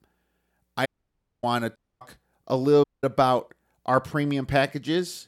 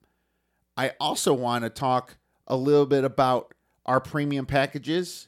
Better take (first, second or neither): second